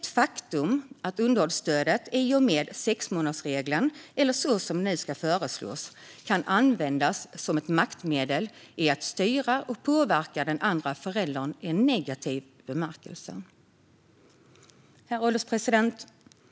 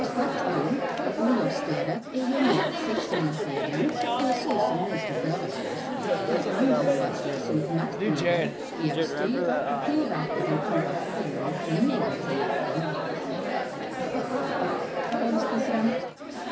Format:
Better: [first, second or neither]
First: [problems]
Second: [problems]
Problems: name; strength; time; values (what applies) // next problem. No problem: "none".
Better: first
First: none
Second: background sound (Chatter); 2 dB above the speech // room echo; dies away in 0.4 s